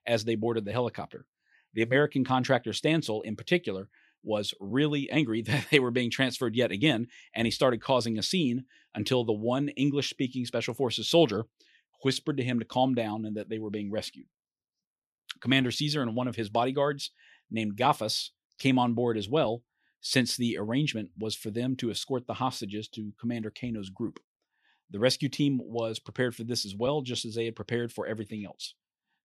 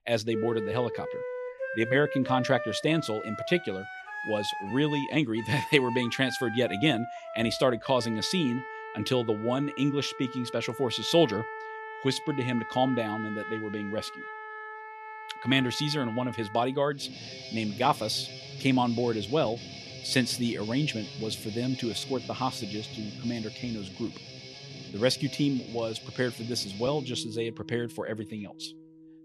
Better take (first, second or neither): first